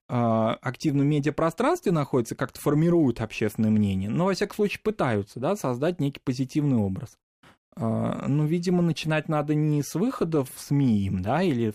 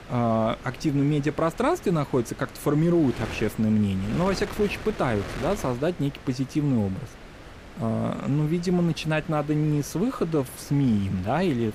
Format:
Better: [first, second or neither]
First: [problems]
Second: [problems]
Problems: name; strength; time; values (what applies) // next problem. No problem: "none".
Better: first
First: none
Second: wind noise on the microphone; occasional gusts; 15 dB below the speech